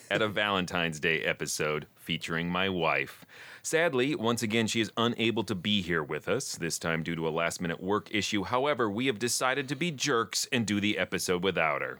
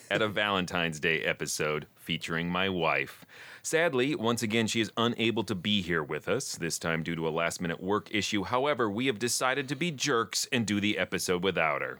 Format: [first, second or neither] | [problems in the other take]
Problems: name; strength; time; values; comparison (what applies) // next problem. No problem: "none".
neither | none